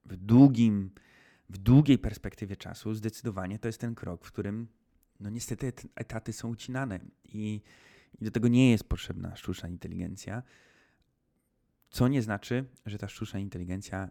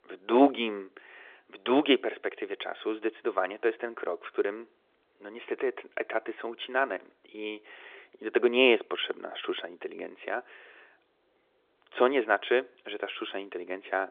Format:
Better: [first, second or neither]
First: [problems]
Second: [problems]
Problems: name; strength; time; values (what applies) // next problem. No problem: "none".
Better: first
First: none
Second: phone-call audio; nothing above 3.5 kHz